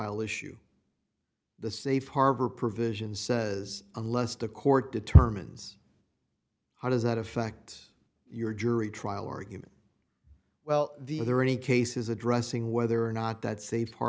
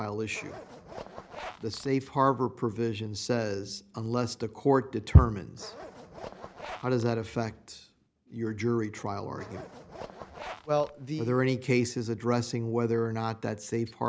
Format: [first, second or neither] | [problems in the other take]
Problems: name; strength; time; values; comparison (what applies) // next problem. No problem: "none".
first | background sound (Zipper (clothing)); 16 dB below the speech